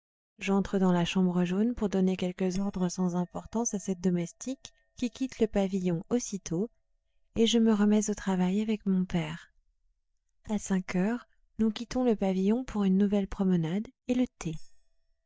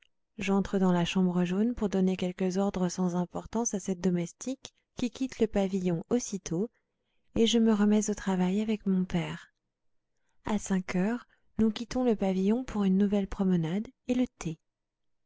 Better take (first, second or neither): second